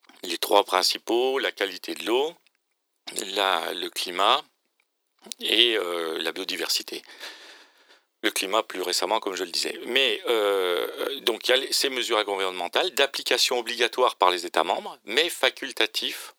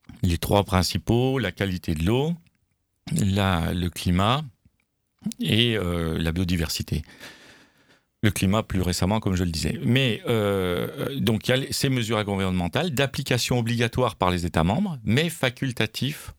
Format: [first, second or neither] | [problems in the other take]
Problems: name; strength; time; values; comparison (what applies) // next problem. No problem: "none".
second | thin; very; fading below 350 Hz